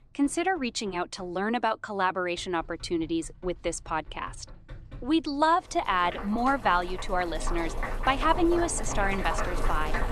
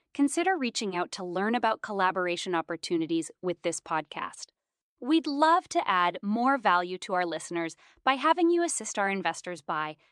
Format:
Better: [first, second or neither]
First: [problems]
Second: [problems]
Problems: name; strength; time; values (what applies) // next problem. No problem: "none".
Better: second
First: household noises; loud; throughout; 7 dB below the speech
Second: none